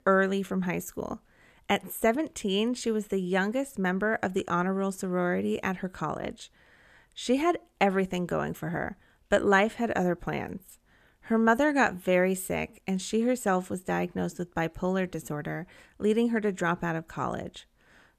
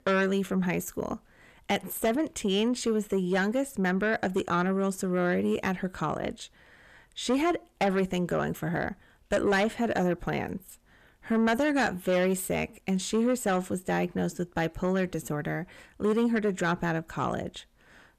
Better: first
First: none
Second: distortion; slight; 10 dB below the speech

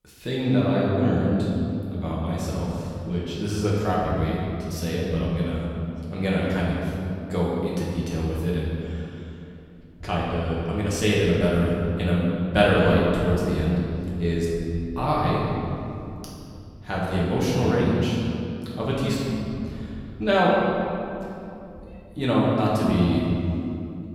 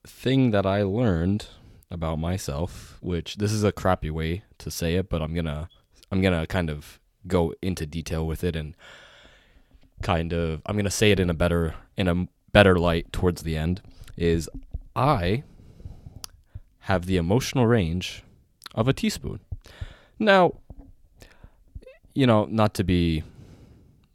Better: second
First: room echo; strong; dies away in 2.5 s // off-mic speech; far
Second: none

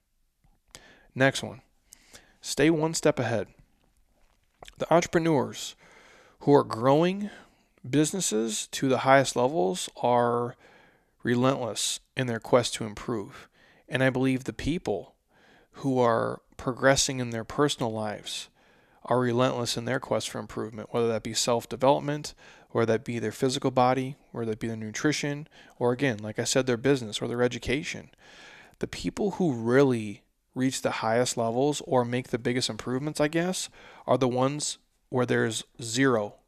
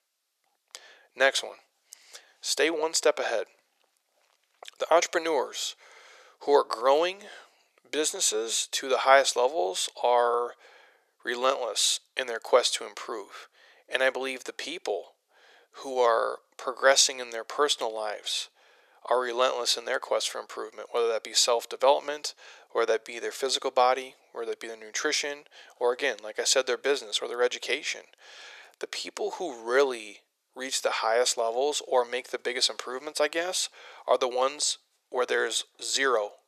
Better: first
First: none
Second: thin; very; fading below 450 Hz

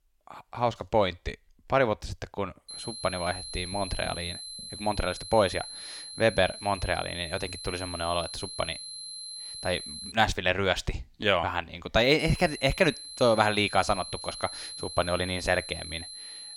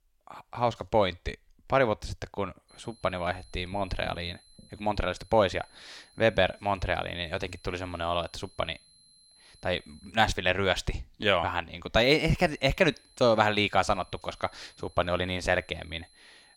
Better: second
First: high-pitched whine; loud; from 2.5 to 10 s and from 12 s on; 4 kHz, 10 dB below the speech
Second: high-pitched whine; faint; from 2.5 to 10 s and from 12 s on; 4 kHz, 30 dB below the speech

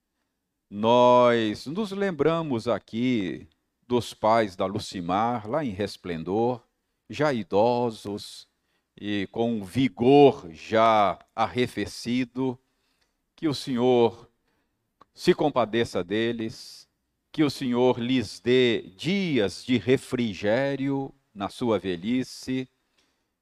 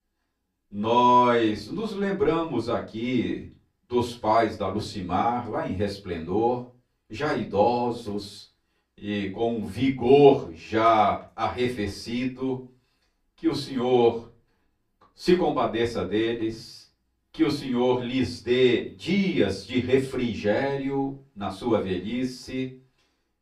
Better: first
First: none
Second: off-mic speech; far // room echo; very slight; dies away in 0.3 s

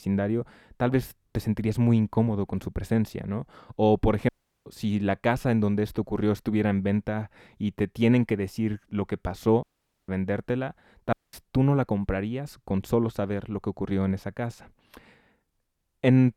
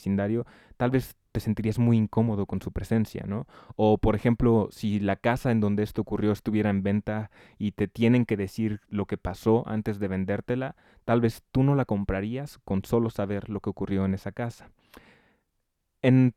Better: second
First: audio cutting out; at 4.5 s, at 9.5 s and at 11 s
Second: none

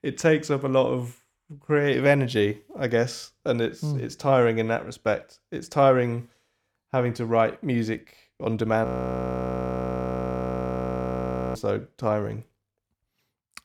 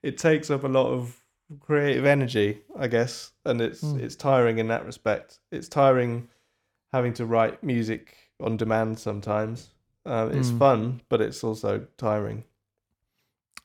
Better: second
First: audio freezing; at 9 s for 2.5 s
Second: none

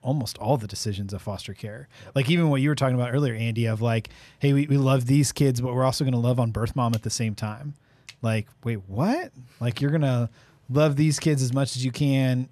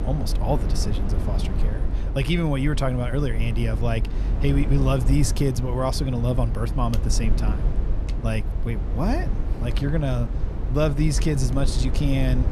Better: first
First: none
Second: low rumble; loud; throughout; 10 dB below the speech

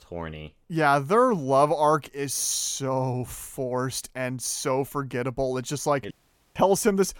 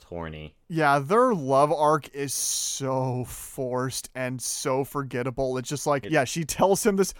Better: second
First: audio cutting out; at 6 s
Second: none

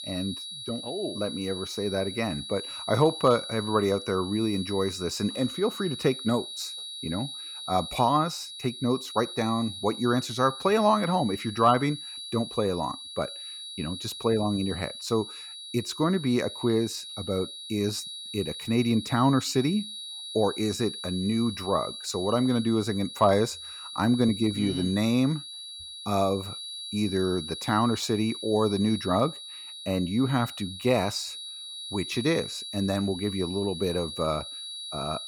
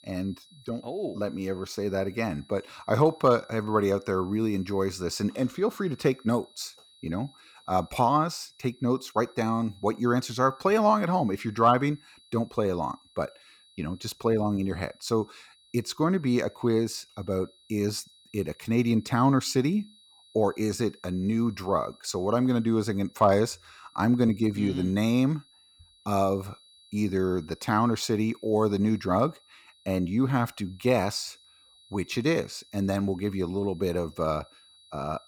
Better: second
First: high-pitched whine; loud; throughout; 4 kHz, 9 dB below the speech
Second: high-pitched whine; faint; throughout; 4 kHz, 30 dB below the speech

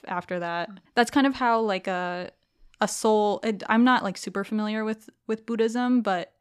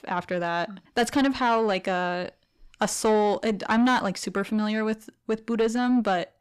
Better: first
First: none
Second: distortion; slight; 10 dB below the speech

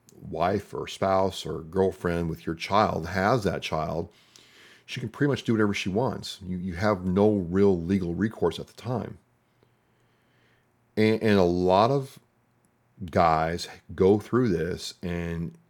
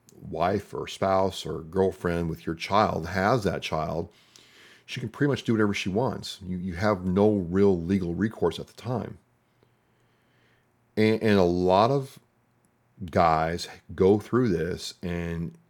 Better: neither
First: none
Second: none

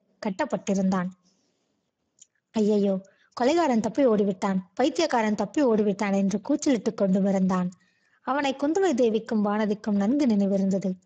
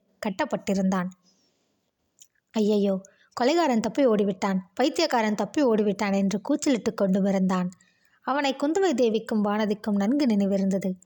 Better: second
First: garbled, watery; badly; nothing above 7.5 kHz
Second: none

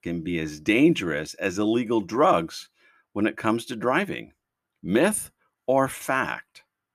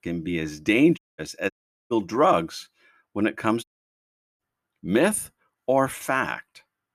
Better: first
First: none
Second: audio cutting out; at 1 s, at 1.5 s and at 3.5 s for 0.5 s

